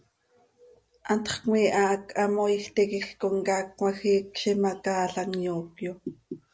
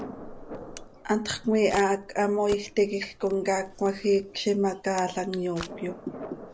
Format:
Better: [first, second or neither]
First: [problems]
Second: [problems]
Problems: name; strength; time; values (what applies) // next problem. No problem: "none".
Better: first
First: none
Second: background sound (Camera + Thunder); 16 dB below the speech